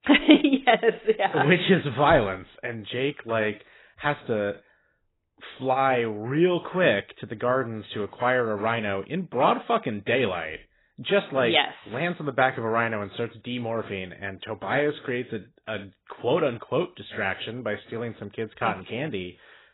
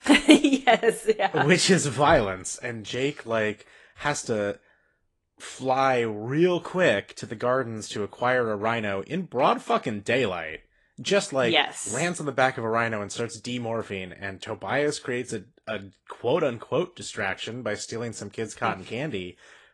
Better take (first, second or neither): second